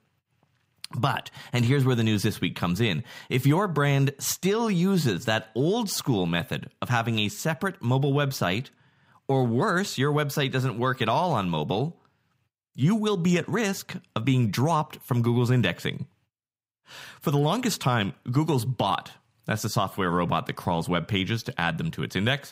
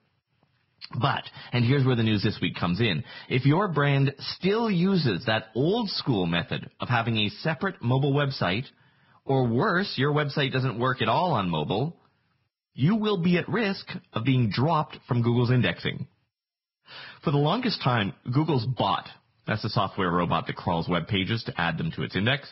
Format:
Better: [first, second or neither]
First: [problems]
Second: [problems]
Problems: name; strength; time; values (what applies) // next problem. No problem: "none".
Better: first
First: none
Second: garbled, watery; badly; nothing above 5.5 kHz